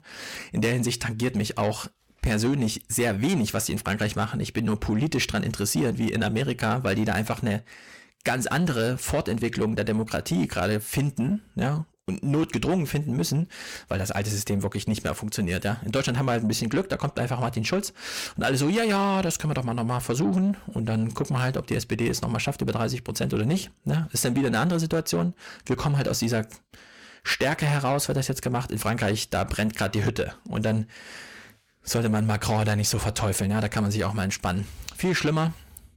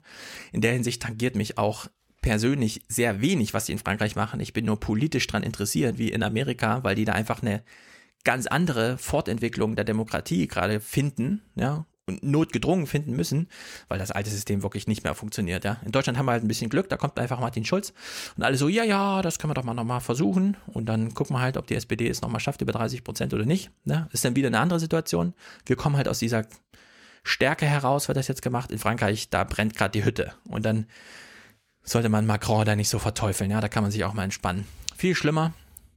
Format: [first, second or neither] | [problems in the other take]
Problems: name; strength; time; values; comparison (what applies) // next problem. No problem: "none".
second | distortion; slight; 10 dB below the speech